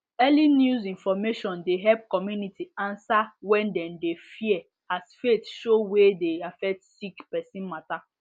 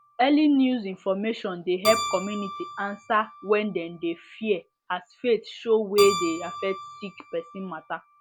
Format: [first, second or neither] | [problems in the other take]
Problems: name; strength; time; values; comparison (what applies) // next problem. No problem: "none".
first | background sound (Keyboard (musical)); 10 dB below the speech